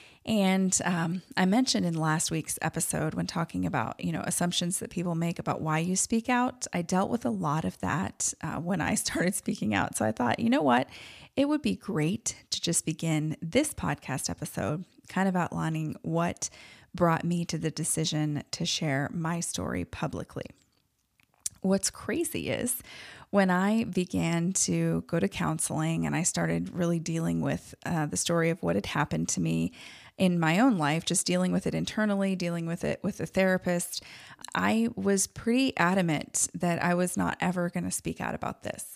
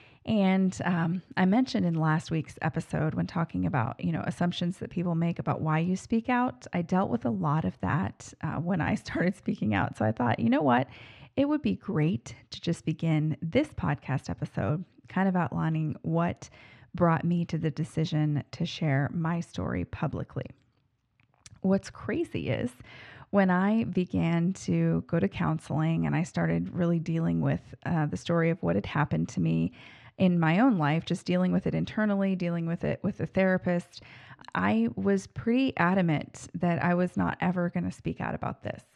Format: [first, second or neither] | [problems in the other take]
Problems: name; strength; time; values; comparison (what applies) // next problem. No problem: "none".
first | muffled; very; fading above 2.5 kHz